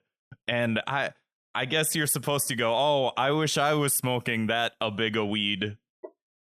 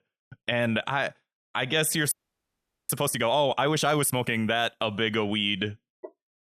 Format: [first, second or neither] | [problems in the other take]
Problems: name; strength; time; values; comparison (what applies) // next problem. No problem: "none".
first | audio freezing; at 2 s for 1 s